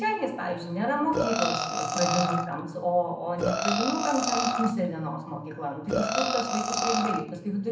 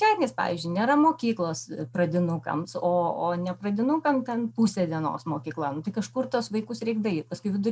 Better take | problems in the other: second | background sound (Burping, eructation); 1 dB above the speech // room echo; dies away in 0.7 s

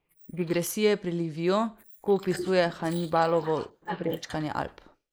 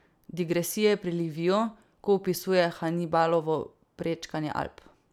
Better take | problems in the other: second | noise reduction (neural mask model Resemble Enhance denoiser)

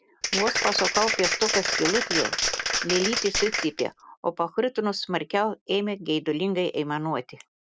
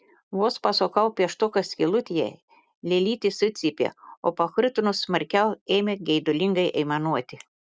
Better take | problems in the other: second | background sound (Applause); as loud as the speech

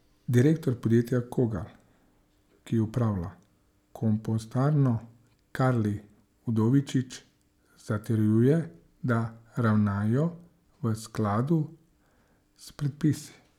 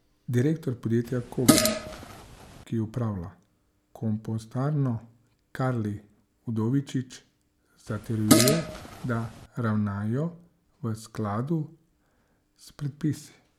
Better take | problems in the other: first | background sound (Fart); 4 dB above the speech

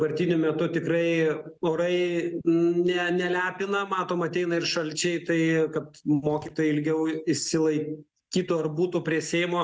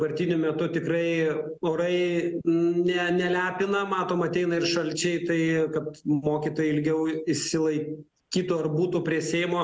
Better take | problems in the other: second | noise reduction (neural mask model DeepFilterNet 3)

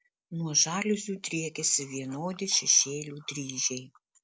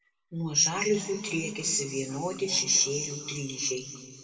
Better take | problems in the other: first | room echo; dies away in 2.4 s

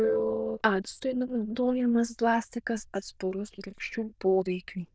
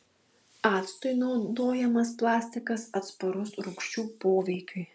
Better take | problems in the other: second | noise reduction (neural diffusion model UNIVERSE++)

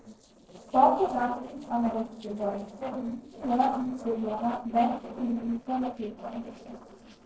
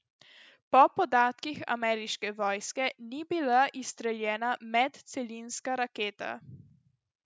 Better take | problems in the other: second | noise reduction (neural separator model SepFormer DNS4)

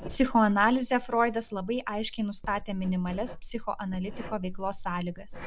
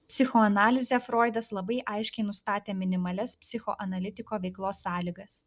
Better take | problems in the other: second | background sound (Writing); 11 dB below the speech

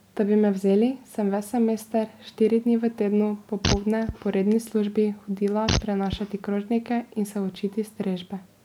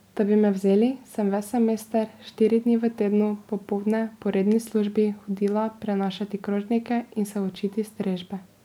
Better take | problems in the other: second | background sound (Fart); 7 dB below the speech

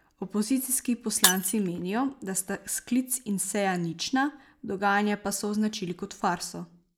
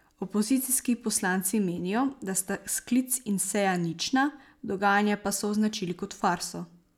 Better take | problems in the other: second | noise reduction (neural mask model Resemble Enhance denoiser)

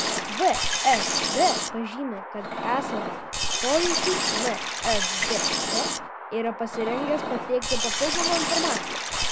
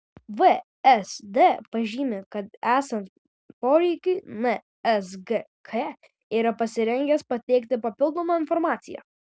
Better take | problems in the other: second | background sound (Liquid); 1 dB above the speech

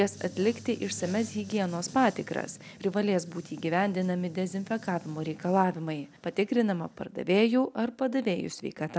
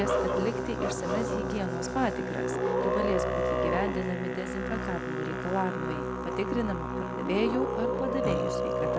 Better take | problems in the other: first | background sound (Musical instrument); 3 dB above the speech

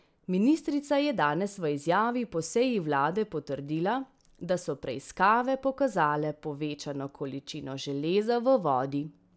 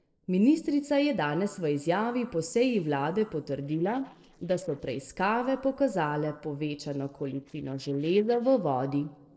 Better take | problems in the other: first | noise reduction (neural separator model SepFormer DNS4)

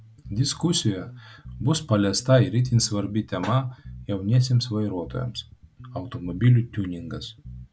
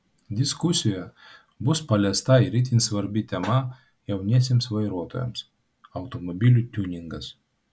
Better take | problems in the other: second | background sound (Bass guitar); 19 dB below the speech

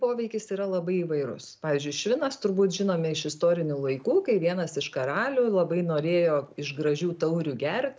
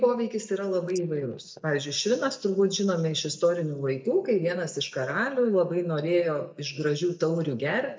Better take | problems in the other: first | noise reduction (neural mask model DeepFilterNet 3)

